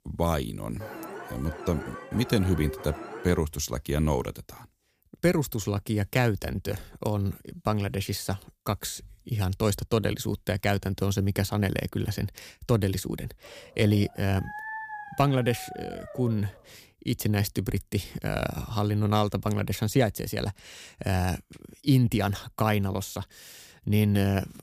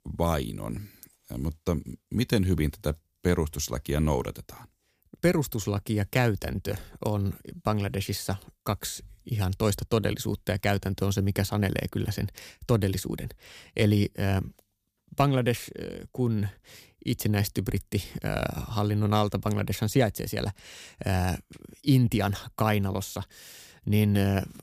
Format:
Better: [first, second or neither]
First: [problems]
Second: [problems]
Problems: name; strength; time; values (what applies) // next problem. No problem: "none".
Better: second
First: alarm; faint; from 1 to 3.5 s; peak 10 dB below the speech // dog barking; noticeable; from 13 to 17 s; peak 7 dB below the speech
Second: none